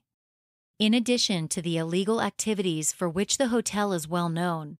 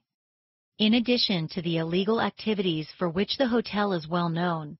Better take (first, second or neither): first